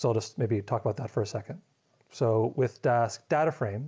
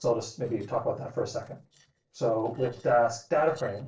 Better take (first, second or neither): first